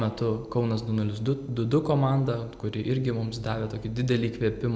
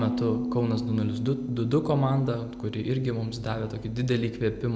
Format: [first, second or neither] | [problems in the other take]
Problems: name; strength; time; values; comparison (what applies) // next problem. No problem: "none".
first | background sound (Piano); 7 dB below the speech